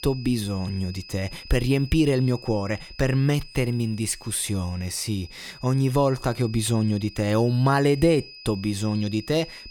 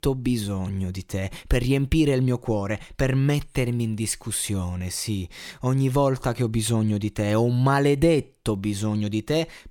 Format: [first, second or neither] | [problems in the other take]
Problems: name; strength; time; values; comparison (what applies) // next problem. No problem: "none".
second | high-pitched whine; noticeable; throughout; 5 kHz, 20 dB below the speech